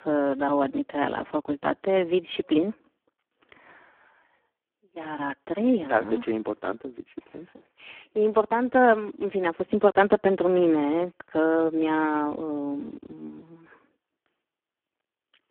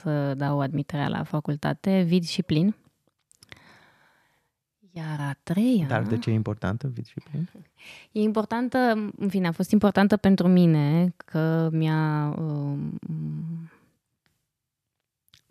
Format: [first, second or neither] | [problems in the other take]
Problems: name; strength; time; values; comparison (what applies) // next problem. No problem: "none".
second | phone-call audio; poor line